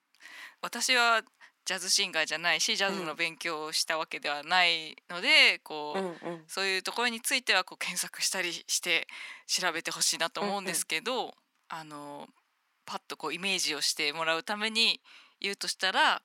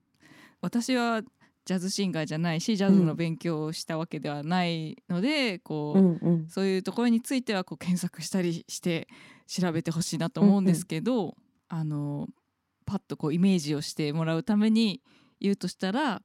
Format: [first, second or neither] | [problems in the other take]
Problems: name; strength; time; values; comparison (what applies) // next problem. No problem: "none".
second | thin; very; fading below 900 Hz